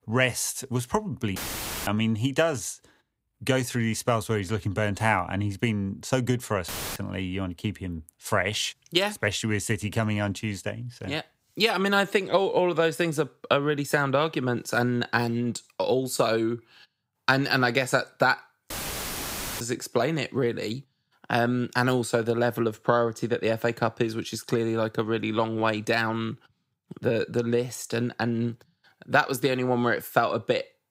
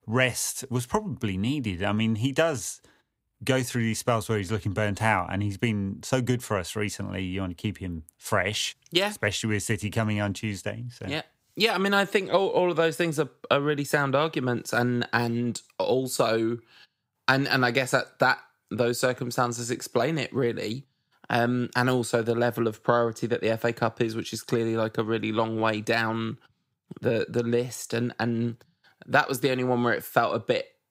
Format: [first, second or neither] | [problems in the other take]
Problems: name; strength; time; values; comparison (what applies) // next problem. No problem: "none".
second | audio cutting out; filled with static; at 1.5 s for 0.5 s, at 6.5 s and at 19 s for 1 s